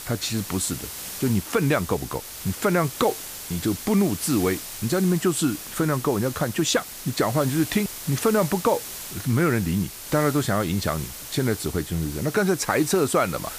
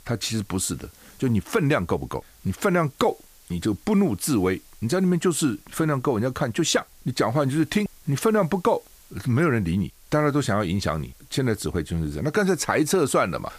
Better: second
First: hiss; loud; throughout; 10 dB below the speech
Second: hiss; faint; throughout; 30 dB below the speech

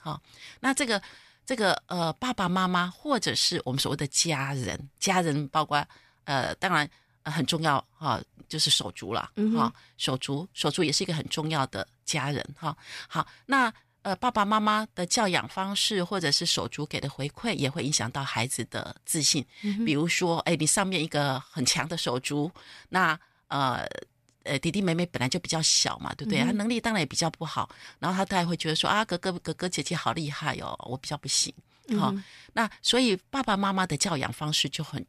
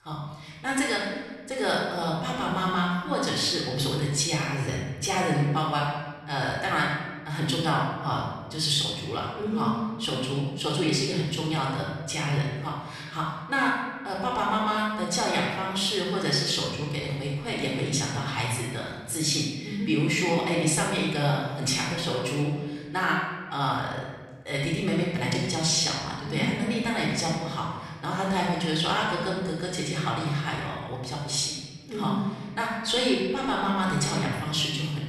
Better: first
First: none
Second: off-mic speech; somewhat distant // room echo; noticeable; dies away in 1.3 s

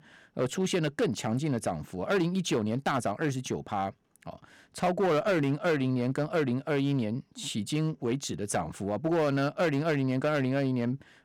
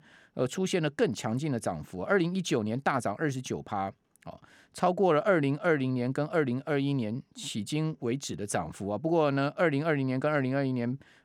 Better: second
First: distortion; slight; 7% of the sound clipped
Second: none

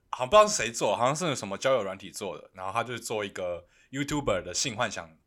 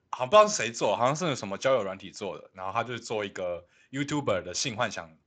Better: first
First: none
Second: garbled, watery; slightly; nothing above 7.5 kHz

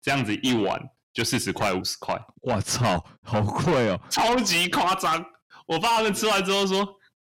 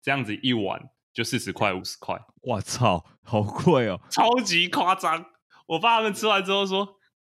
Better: second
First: distortion; heavy; 6 dB below the speech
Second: none

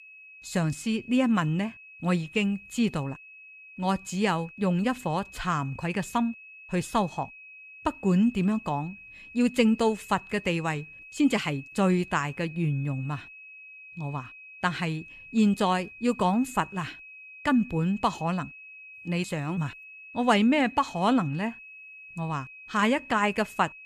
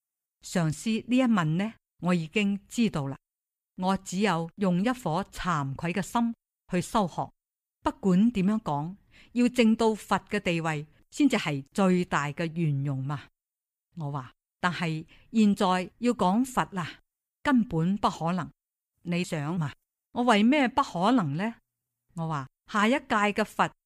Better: second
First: high-pitched whine; noticeable; throughout; 2.5 kHz, 15 dB below the speech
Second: none

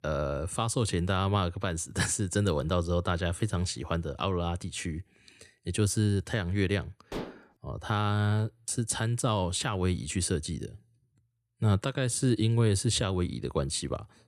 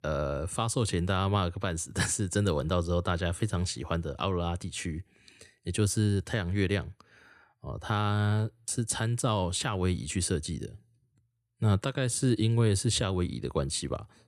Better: second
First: clattering dishes; noticeable; at 7 s; peak 10 dB below the speech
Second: none

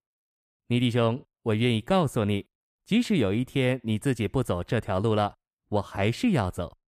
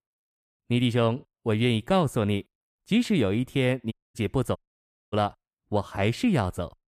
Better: first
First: none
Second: audio cutting out; at 4 s and at 4.5 s for 0.5 s

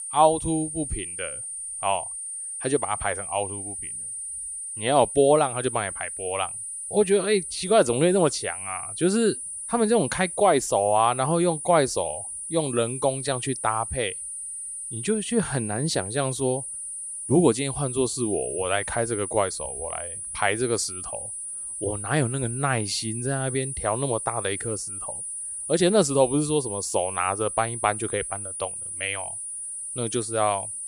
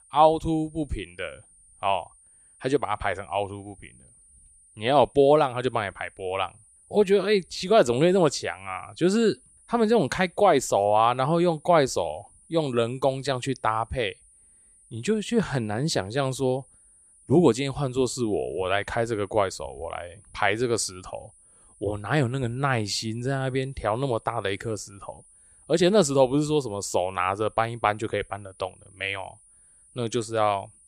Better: second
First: high-pitched whine; loud; throughout; 9.5 kHz, 6 dB below the speech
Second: high-pitched whine; faint; throughout; 9.5 kHz, 30 dB below the speech

